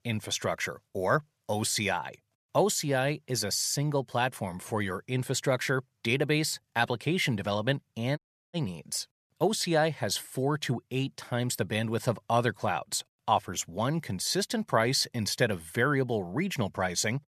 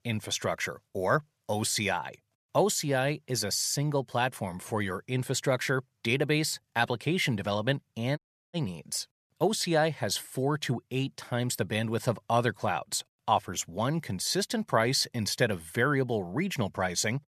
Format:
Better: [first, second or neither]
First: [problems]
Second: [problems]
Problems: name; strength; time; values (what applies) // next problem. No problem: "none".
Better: neither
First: audio cutting out; at 8 s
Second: audio cutting out; at 8 s